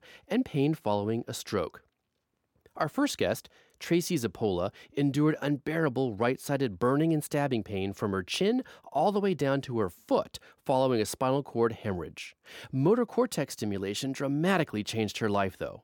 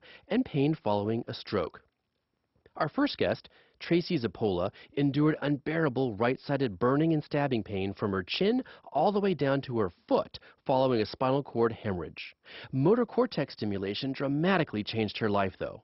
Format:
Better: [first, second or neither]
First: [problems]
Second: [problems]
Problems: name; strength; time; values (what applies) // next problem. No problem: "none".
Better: first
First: none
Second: garbled, watery; badly; nothing above 5.5 kHz